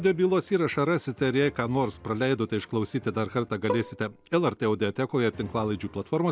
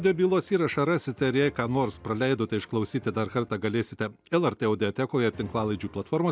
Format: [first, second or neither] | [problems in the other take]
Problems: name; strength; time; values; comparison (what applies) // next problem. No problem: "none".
second | background sound (Bowed string instrument); 11 dB below the speech